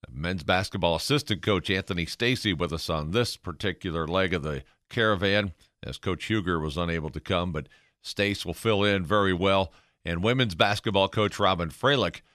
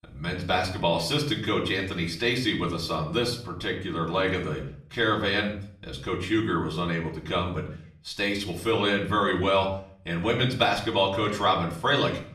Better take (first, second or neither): first